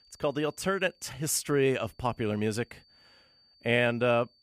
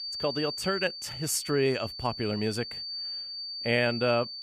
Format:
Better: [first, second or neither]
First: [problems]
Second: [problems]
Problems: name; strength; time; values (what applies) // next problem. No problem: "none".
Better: first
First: high-pitched whine; faint; throughout; 4.5 kHz, 30 dB below the speech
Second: high-pitched whine; loud; throughout; 4.5 kHz, 6 dB below the speech